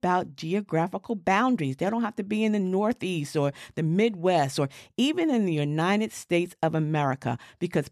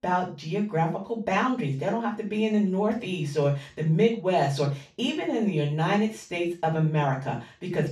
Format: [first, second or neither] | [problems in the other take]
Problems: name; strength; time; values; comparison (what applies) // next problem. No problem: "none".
first | room echo; noticeable; dies away in 0.3 s // off-mic speech; far